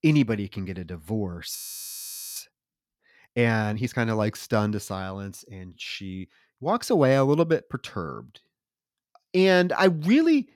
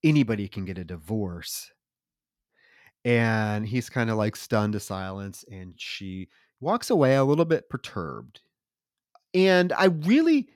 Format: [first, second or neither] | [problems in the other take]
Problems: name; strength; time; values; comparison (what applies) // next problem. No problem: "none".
second | audio freezing; at 1.5 s for 1 s